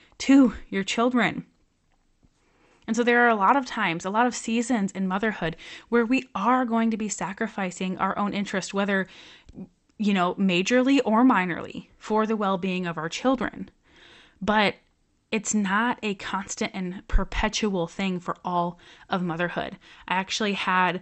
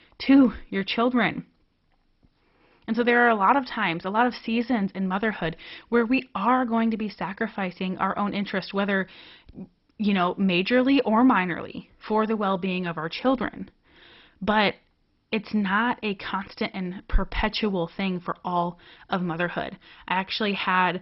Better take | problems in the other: first | garbled, watery; badly; nothing above 5.5 kHz; slightly in the first

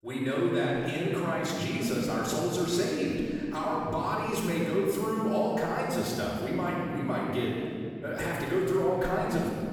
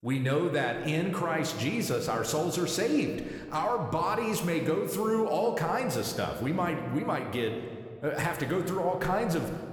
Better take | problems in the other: second | room echo; strong; dies away in 2.6 s; slight in the second // off-mic speech; far

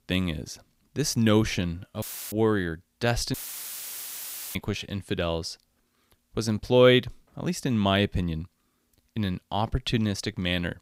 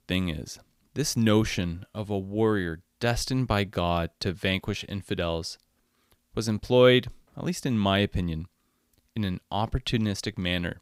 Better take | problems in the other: second | audio cutting out; filled with static; at 2 s and at 3.5 s for 1 s

